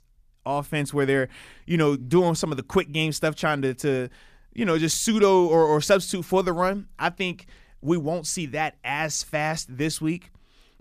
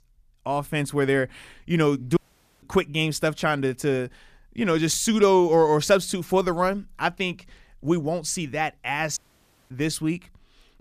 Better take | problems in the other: first | audio cutting out; at 2 s and at 9 s for 0.5 s

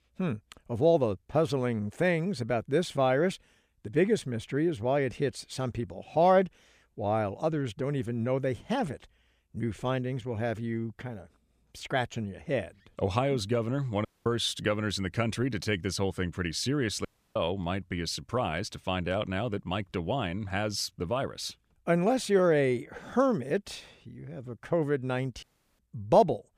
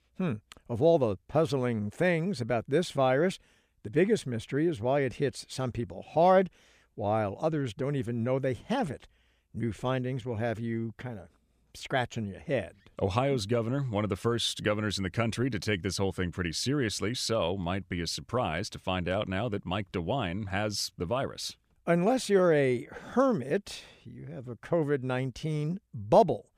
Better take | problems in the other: second | audio cutting out; at 14 s, at 17 s and at 25 s

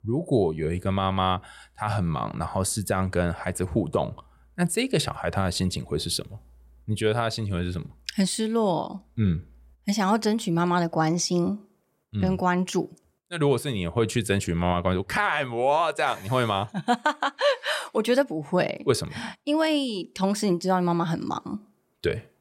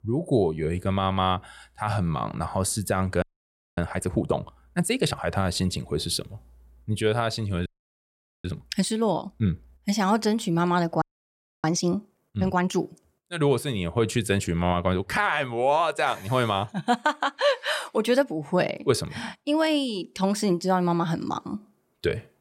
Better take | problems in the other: first | audio freezing; at 3 s for 0.5 s, at 7.5 s for 1 s and at 11 s for 0.5 s

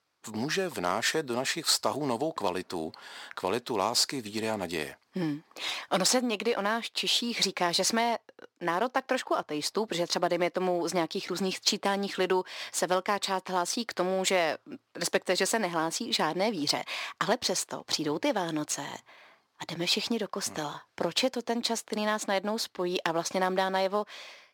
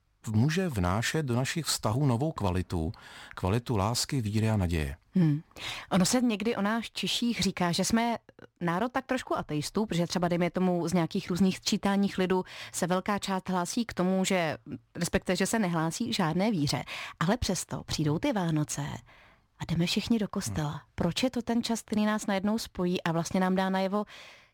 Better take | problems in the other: second | thin; somewhat; fading below 400 Hz

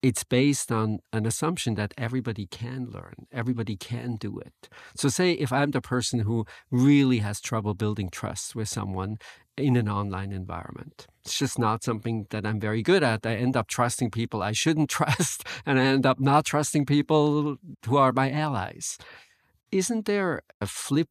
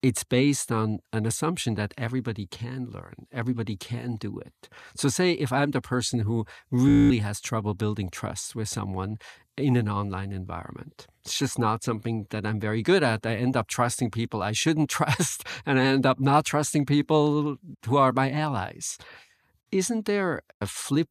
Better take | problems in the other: first | audio freezing; at 7 s

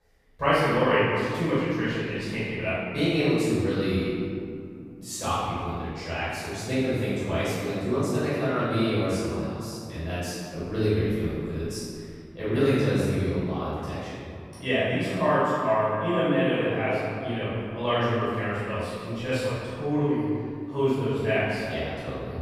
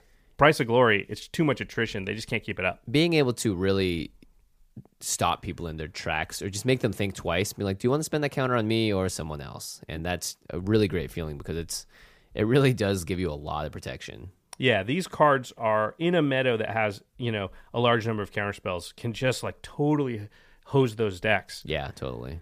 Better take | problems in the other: second | room echo; strong; dies away in 2.2 s // off-mic speech; far

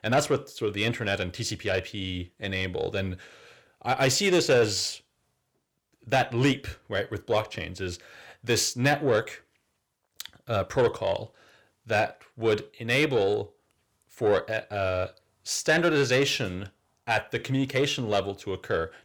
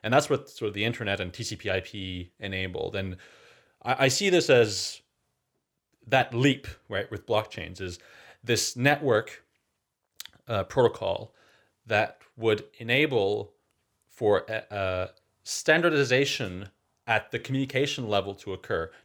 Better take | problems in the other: second | distortion; slight; 10 dB below the speech

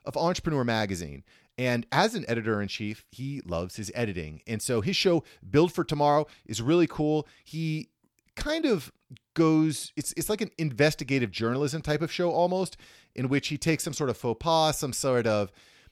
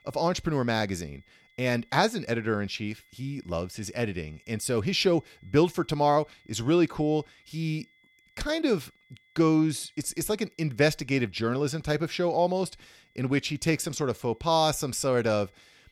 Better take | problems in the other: first | high-pitched whine; faint; throughout; 2 kHz, 35 dB below the speech

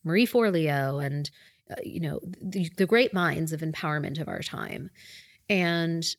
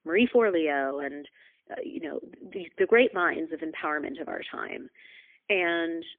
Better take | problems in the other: first | phone-call audio; poor line; nothing above 3.5 kHz

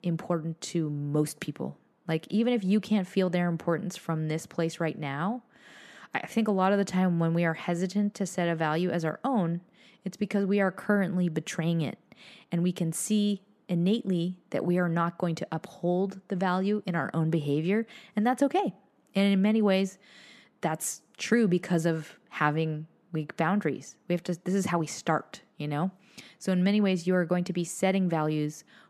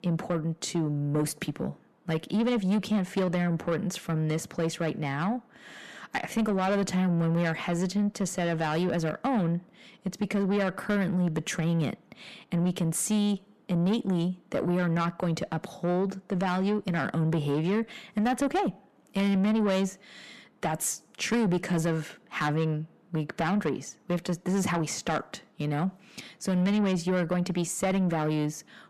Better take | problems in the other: first | distortion; slight; 10 dB below the speech

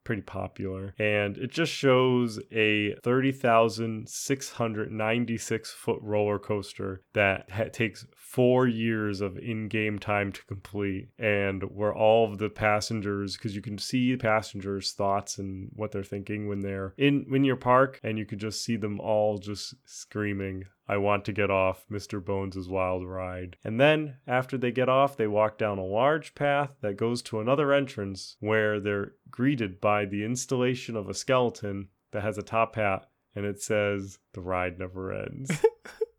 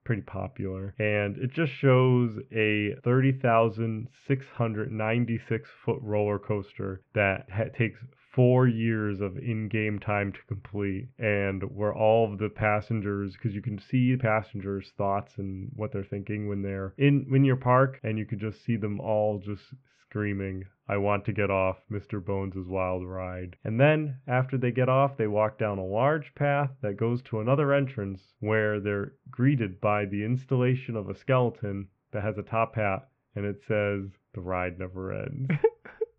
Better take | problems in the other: first | muffled; very; fading above 2.5 kHz

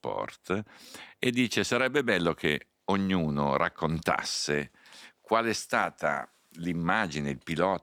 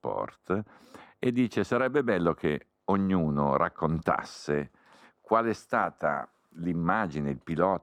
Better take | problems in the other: first | muffled; slightly; fading above 1.5 kHz

